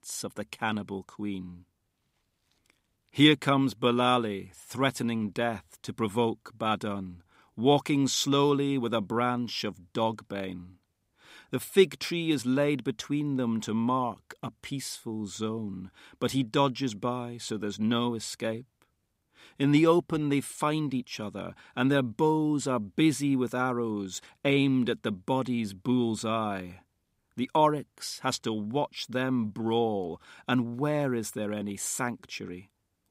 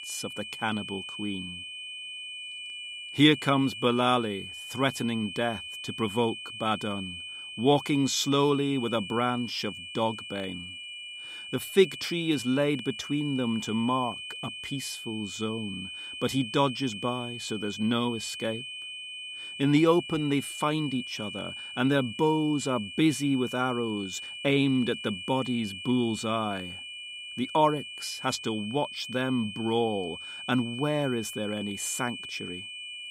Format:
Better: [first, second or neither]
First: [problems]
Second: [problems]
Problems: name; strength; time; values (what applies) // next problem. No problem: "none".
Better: first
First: none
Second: high-pitched whine; loud; throughout; 3 kHz, 9 dB below the speech